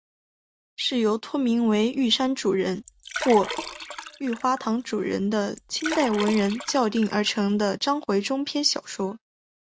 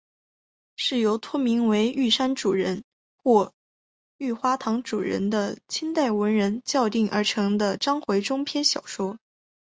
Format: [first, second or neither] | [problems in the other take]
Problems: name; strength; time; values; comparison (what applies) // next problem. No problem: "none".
second | background sound (Liquid); 11 dB below the speech